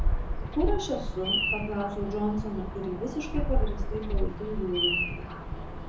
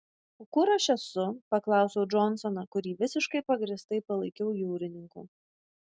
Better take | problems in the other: second | background sound (Bird vocalization, bird call, bird song); 3 dB above the speech // room echo; dies away in 0.6 s

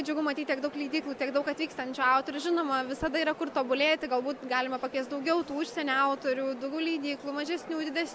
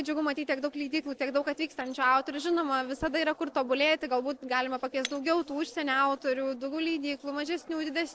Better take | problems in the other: first | noise reduction (neural separator model SepFormer DNS4)

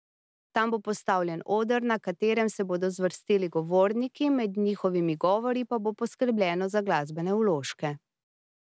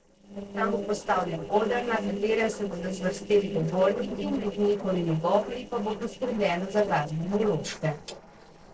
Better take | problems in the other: first | noise reduction (neural separator model SepFormer DNS4)

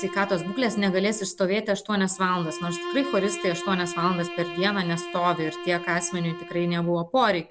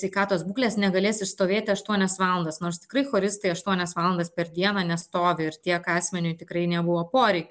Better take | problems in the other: second | background sound (Bowed string instrument); 10 dB below the speech

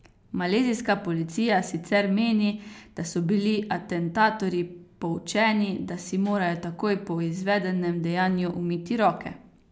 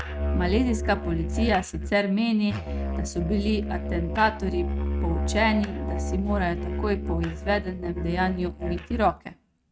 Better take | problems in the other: first | noise reduction (neural mask model RNNoise)

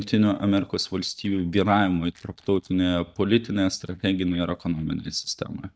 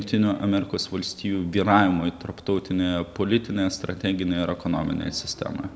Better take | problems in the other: second | noise reduction (neural mask model DeepFilterNet 3)

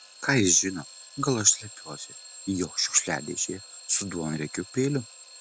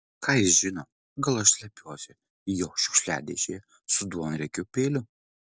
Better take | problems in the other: second | background sound (Alarm / Clock); 16 dB below the speech

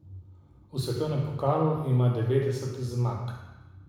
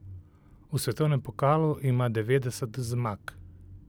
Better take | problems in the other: second | room echo; dies away in 1 s

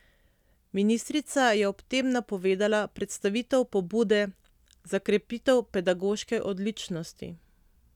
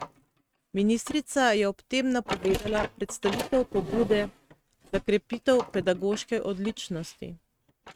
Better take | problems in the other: first | noise reduction (neural mask model RNNoise)

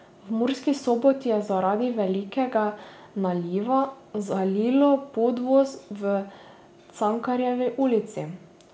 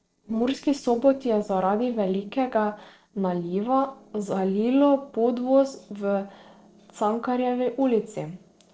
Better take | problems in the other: first | noise reduction (neural separator model SepFormer DNS4)

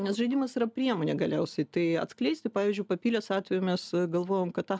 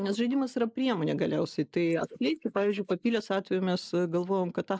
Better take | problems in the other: first | noise reduction (neural mask model Resemble Enhance denoiser)

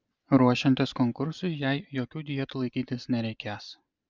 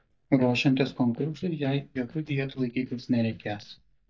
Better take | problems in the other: first | noise reduction (neural mask model DeepFilterNet 3)

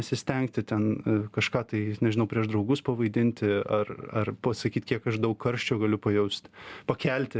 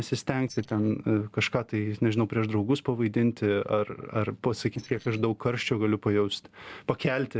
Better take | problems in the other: first | noise reduction (neural separator model SepFormer DNS4)

